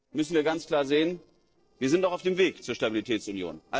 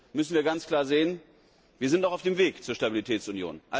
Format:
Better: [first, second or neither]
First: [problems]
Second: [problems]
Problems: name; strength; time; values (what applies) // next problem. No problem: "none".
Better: second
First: noise reduction (neural separator model SepFormer DNS4)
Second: none